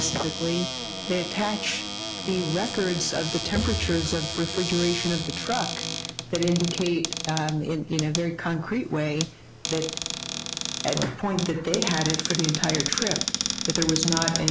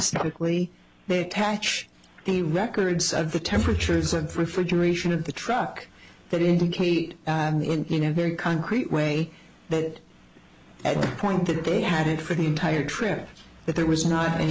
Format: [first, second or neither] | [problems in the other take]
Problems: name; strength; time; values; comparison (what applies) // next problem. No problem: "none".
second | background sound (Cupboard open or close); 4 dB below the speech